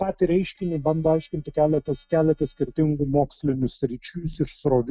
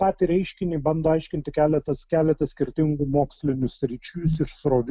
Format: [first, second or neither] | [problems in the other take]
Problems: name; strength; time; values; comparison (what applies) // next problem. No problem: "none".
second | noise reduction (neural mask model DeepFilterNet 3)